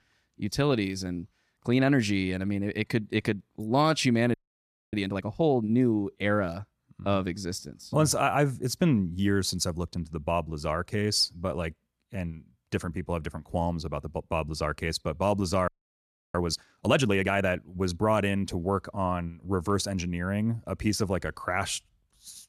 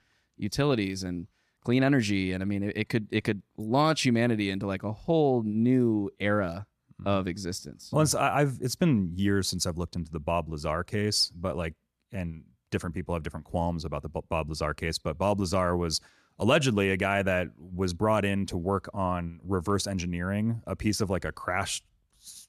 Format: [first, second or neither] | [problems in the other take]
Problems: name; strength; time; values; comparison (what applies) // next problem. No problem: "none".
second | audio freezing; at 4.5 s for 0.5 s and at 16 s for 0.5 s